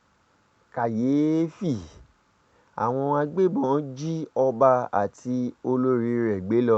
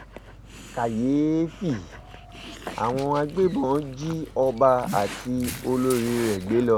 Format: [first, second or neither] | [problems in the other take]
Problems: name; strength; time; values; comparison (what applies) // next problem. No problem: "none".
first | background sound (Dog); 14 dB below the speech